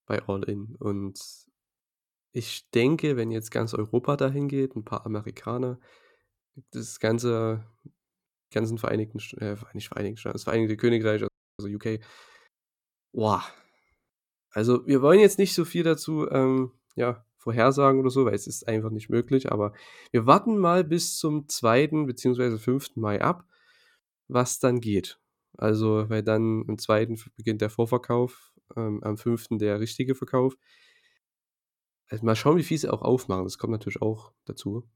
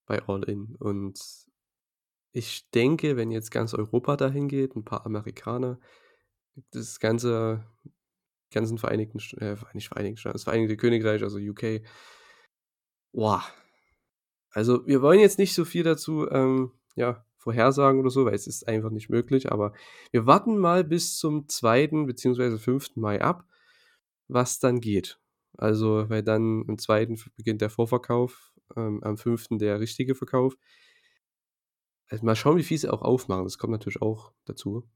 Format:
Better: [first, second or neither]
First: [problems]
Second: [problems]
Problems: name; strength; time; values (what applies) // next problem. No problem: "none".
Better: second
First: audio freezing; at 11 s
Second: none